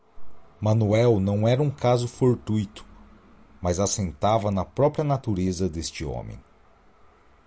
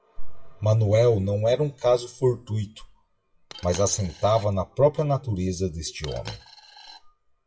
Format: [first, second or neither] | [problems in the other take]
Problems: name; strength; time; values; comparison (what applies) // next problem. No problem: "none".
first | noise reduction (classical method WPE with log-MMSE)